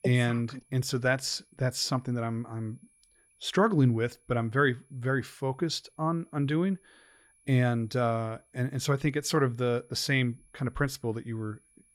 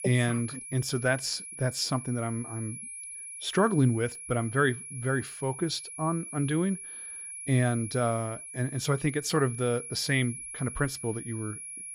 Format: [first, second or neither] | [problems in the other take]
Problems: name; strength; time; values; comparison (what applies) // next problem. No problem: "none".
first | high-pitched whine; loud; throughout; 10.5 kHz, 9 dB below the speech; faint in the first